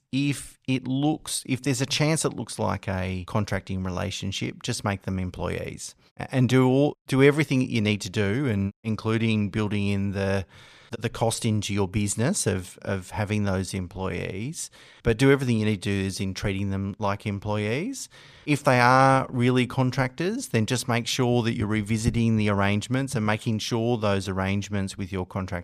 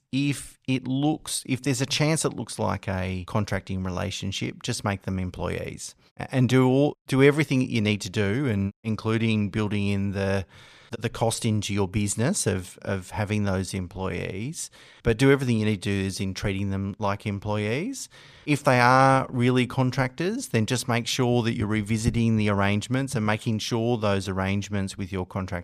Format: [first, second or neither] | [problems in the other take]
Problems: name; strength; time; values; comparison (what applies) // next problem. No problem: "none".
neither | none